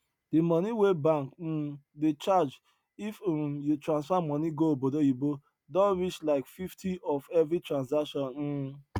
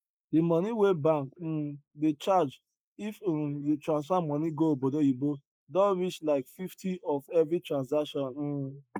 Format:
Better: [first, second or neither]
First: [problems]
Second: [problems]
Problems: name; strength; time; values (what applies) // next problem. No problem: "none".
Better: first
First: none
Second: noise reduction (neural mask model Resemble Enhance denoiser)